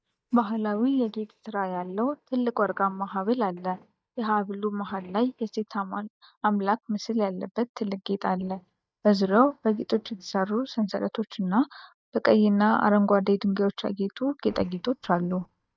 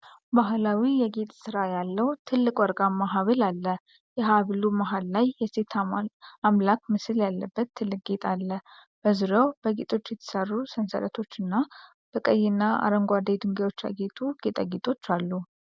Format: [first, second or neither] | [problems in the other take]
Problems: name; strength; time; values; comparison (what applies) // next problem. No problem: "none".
second | noise reduction (neural mask model DeepFilterNet 3)